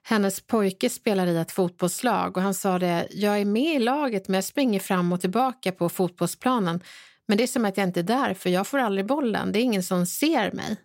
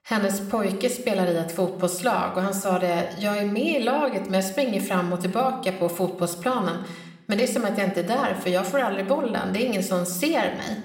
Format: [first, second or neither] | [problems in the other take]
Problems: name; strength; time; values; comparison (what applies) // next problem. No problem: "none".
first | room echo; slight; dies away in 0.7 s